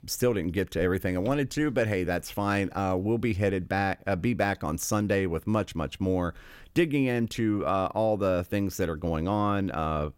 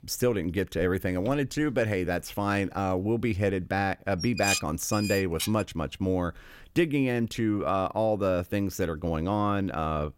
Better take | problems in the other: first | clattering dishes; loud; from 4 to 5.5 s; peak level with the speech

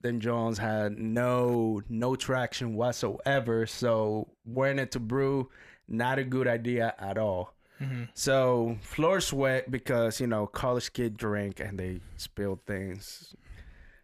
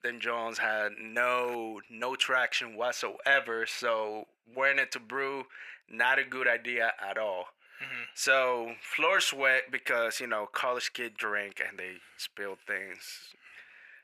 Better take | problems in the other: first | thin; very; fading below 550 Hz

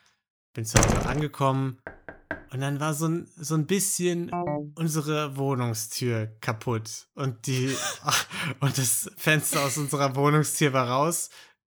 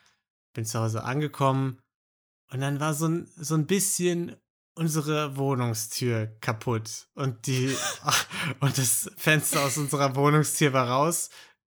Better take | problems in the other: second | door banging; loud; at 1 s; peak 4 dB above the speech // door banging; faint; at 2 s; peak 10 dB below the speech // phone ringing; noticeable; at 4.5 s; peak 4 dB below the speech

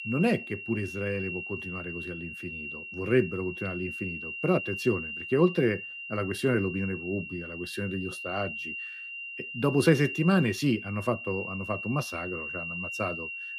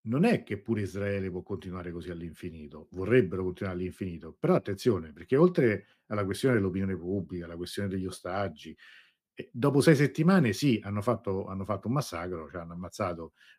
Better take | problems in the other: second | high-pitched whine; loud; throughout; 3 kHz, 7 dB below the speech

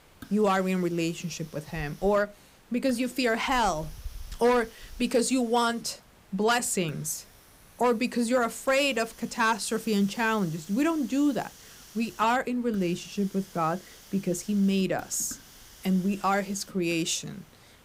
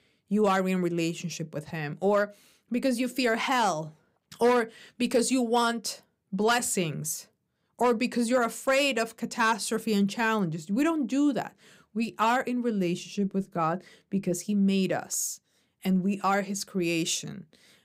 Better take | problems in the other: second | hiss; faint; throughout; 20 dB below the speech

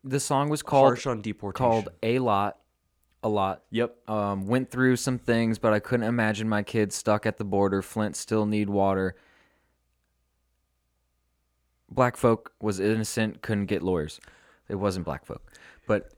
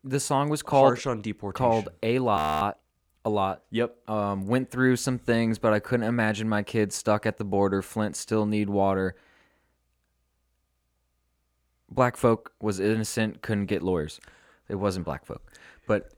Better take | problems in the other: first | audio freezing; at 2.5 s

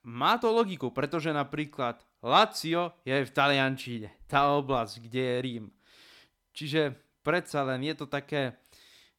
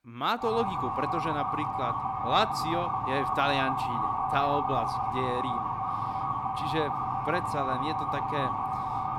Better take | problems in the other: first | siren; loud; peak 3 dB above the speech

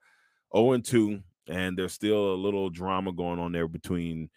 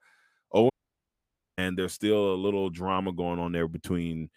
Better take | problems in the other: first | audio cutting out; at 0.5 s for 1 s

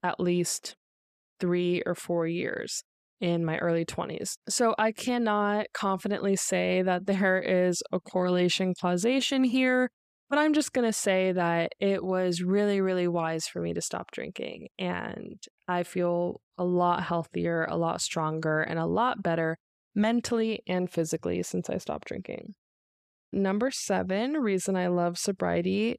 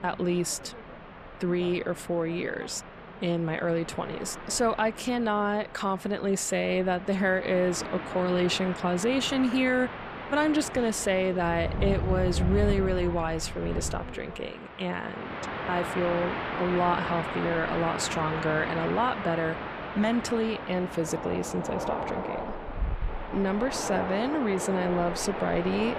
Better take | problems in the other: first | train or aircraft noise; loud; throughout; 7 dB below the speech

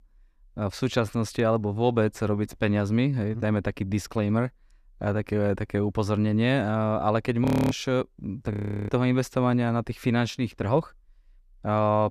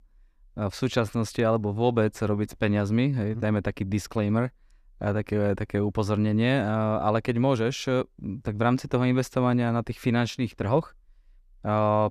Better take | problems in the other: second | audio freezing; at 7.5 s and at 8.5 s

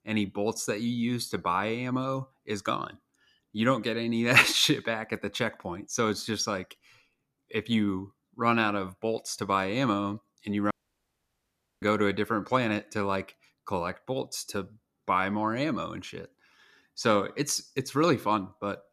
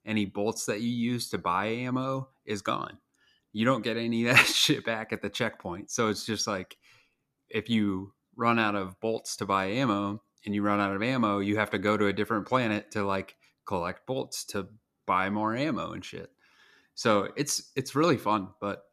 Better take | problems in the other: second | audio cutting out; at 11 s for 1 s

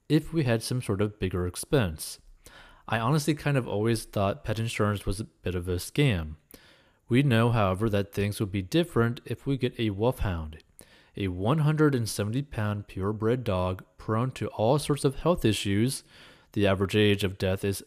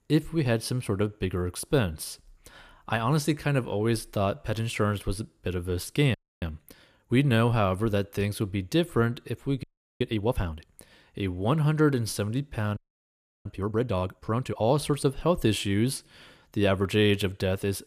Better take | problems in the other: first | audio freezing; at 6 s, at 9.5 s and at 13 s for 0.5 s

